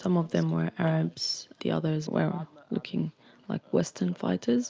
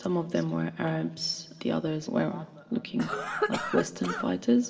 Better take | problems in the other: first | background sound (Cough); 3 dB below the speech // room echo; dies away in 2.4 s

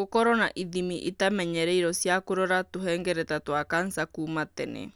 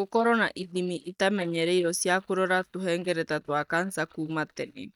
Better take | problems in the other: first | noise reduction (neural mask model DeepFilterNet 3)

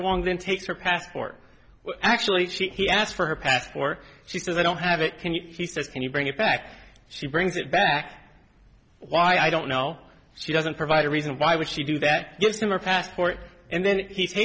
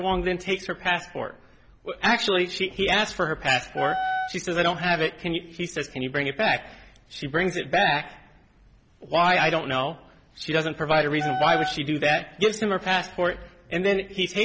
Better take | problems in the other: first | background sound (Wind instrument, woodwind instrument); 4 dB below the speech

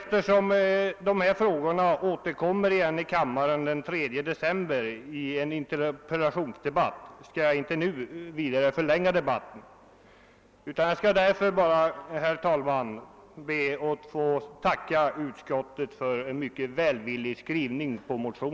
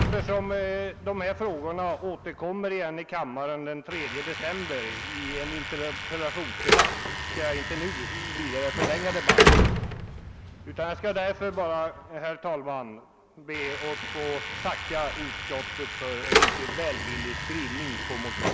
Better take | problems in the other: first | background sound (Slam / Alarm); 3 dB above the speech

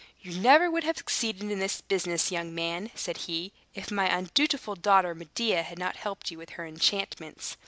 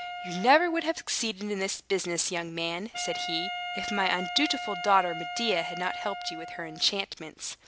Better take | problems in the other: first | background sound (Wind instrument, woodwind instrument); 9 dB below the speech

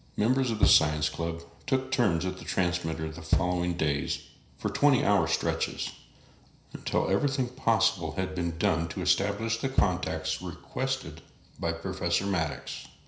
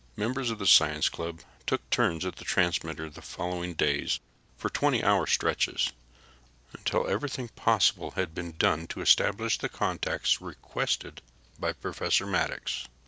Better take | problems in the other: second | background sound (Bass drum); 6 dB below the speech // room echo; dies away in 0.5 s

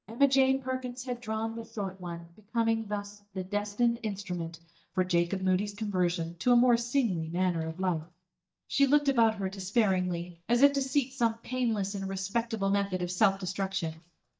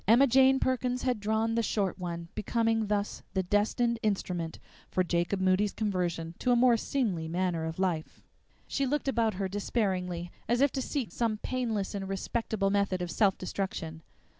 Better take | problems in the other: second | noise reduction (neural mask model DeepFilterNet 3)

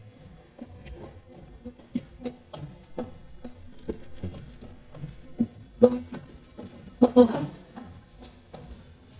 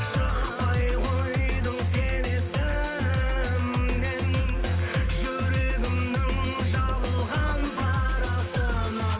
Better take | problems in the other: second | noise reduction (neural mask model DeepFilterNet 3)

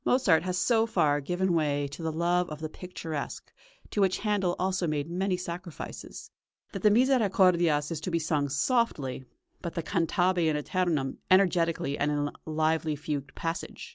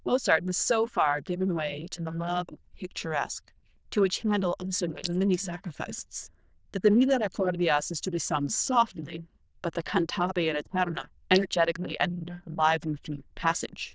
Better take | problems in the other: first | noise reduction (neural diffusion model UNIVERSE++)

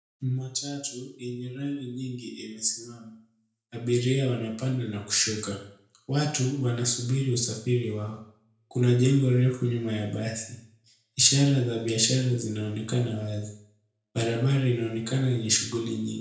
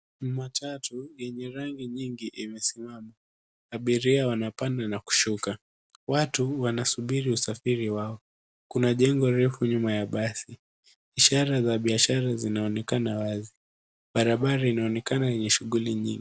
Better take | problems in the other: second | room echo; dies away in 0.5 s

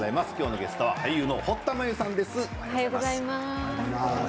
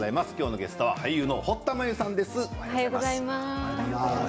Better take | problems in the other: second | background sound (Applause / Cheering); 12 dB below the speech

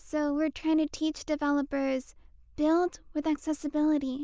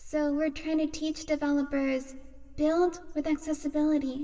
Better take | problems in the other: first | room echo; dies away in 2.4 s

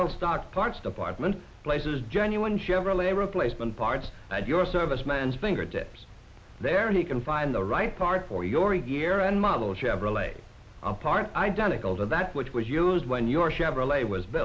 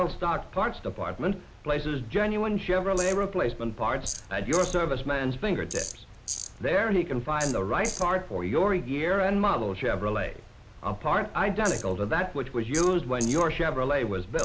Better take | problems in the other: first | background sound (Tools); 16 dB below the speech

